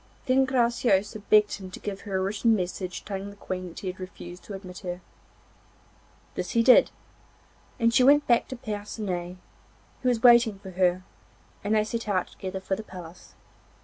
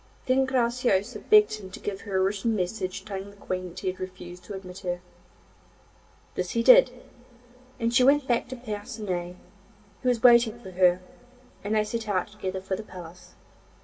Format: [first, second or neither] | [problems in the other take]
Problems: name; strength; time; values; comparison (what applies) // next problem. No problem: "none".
first | room echo; dies away in 1.7 s